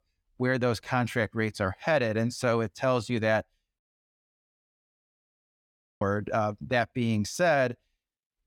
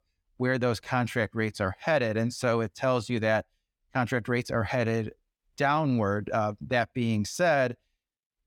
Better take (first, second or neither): second